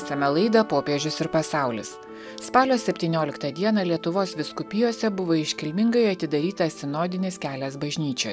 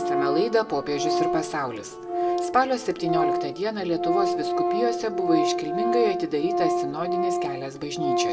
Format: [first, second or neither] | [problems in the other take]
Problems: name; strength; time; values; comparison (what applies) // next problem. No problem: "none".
first | background sound (Organ); 1 dB above the speech // room echo; dies away in 1.1 s